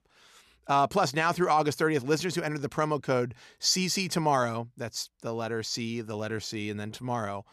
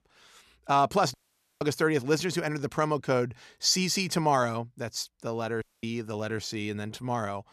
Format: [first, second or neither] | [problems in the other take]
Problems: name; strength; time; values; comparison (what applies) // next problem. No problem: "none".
first | audio cutting out; at 1 s and at 5.5 s